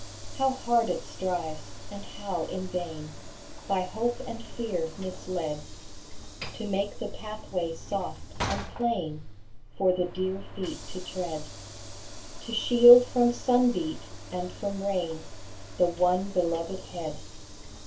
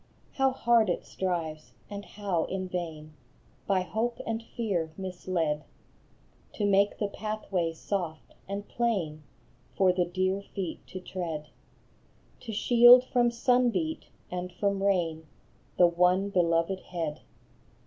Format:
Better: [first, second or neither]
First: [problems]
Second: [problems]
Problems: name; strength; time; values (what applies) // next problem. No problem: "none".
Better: second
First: background sound (Sliding door / Train); 15 dB below the speech // room echo; dies away in 0.2 s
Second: none